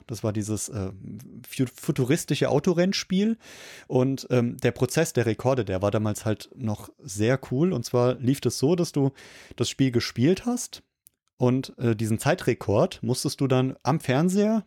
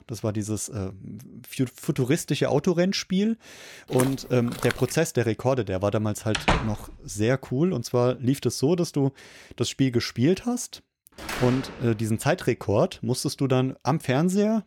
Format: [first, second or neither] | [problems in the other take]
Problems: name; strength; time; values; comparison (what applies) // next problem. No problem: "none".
first | footsteps; noticeable; at 4 s; peak 6 dB below the speech // door banging; loud; at 6.5 s; peak 1 dB above the speech // door banging; noticeable; at 11 s; peak 7 dB below the speech